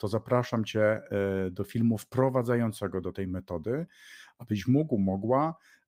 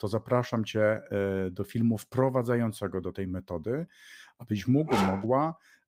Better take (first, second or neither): first